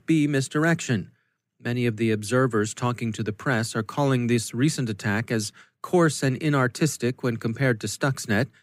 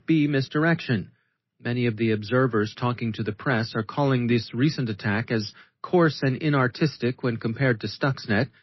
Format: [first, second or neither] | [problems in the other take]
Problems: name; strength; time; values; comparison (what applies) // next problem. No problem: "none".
first | garbled, watery; slightly; nothing above 5.5 kHz